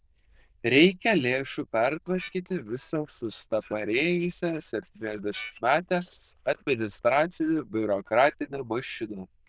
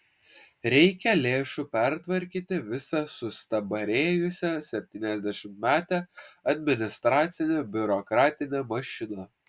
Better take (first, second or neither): second